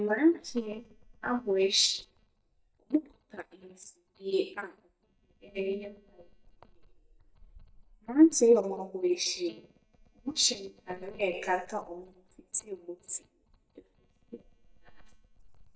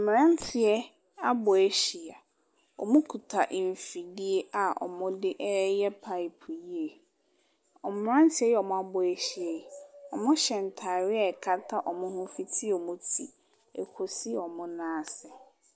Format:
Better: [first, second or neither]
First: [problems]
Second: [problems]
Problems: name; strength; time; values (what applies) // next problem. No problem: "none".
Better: second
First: noise reduction (neural mask model DeepFilterNet 3)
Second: none